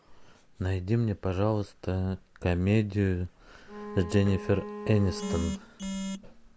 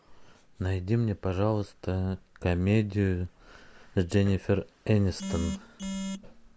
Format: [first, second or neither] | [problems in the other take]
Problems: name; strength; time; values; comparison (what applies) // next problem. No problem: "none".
second | background sound (Bowed string instrument); 11 dB below the speech